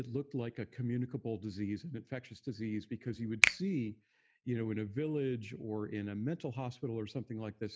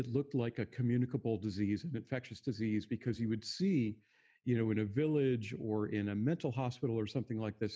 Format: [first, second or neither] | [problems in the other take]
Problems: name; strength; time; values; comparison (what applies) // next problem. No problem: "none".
second | background sound (Finger snapping); 2 dB above the speech